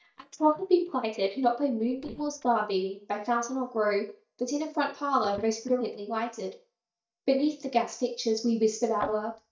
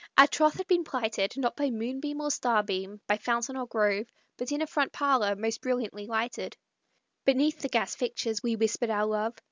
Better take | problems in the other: second | noise reduction (neural mask model DeepFilterNet 3)

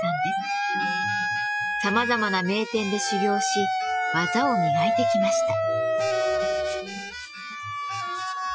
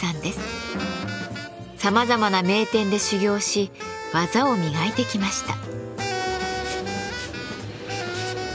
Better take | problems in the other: second | noise reduction (classical method Wiener filter)

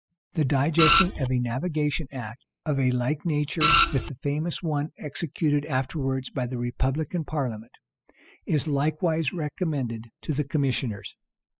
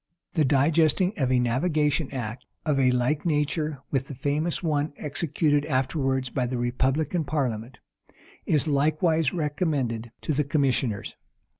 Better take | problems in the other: second | noise reduction (classical method spectral subtraction)

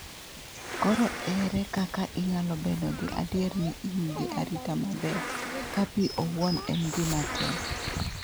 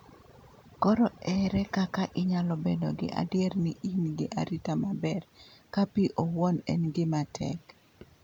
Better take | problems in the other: second | background sound (Bird vocalization, bird call, bird song + Insect); 6 dB below the speech

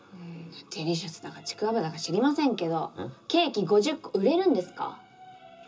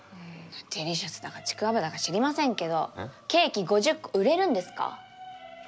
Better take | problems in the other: second | room echo; dies away in 0.2 s

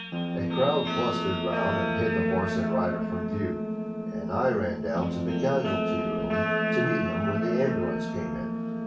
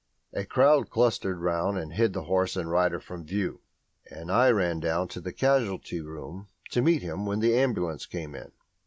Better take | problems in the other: second | background sound (Guitar); 2 dB above the speech // room echo; dies away in 0.4 s

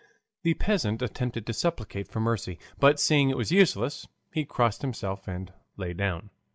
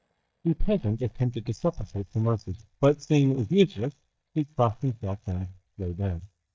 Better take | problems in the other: first | noise reduction (neural mask model DeepFilterNet 3)

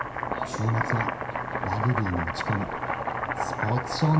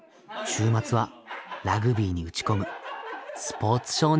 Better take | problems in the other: second | background sound (Boiling); 1 dB below the speech // room echo; dies away in 0.5 s

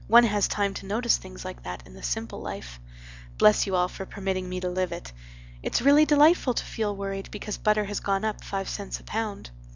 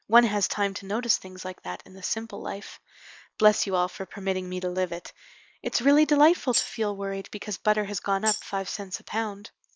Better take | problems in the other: first | noise reduction (neural mask model Resemble Enhance denoiser)

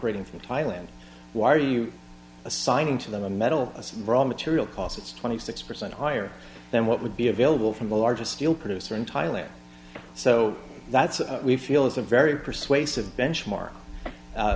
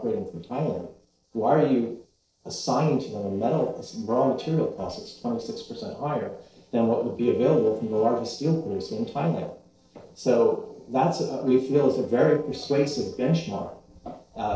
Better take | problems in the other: first | noise reduction (neural separator model SepFormer DNS4)

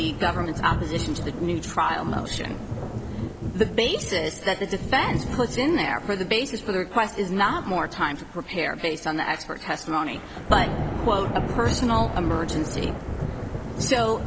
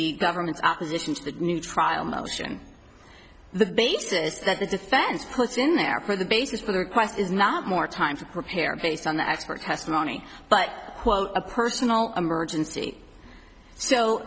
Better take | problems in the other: second | background sound (Thunder / Rain); 5 dB below the speech

